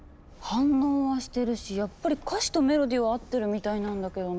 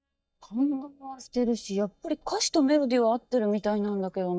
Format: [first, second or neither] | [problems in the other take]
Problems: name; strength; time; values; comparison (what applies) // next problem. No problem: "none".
first | noise reduction (neural mask model DeepFilterNet 3)